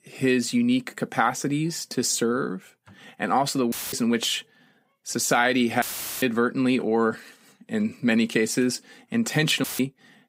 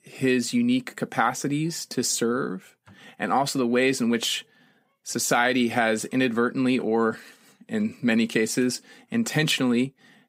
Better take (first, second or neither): second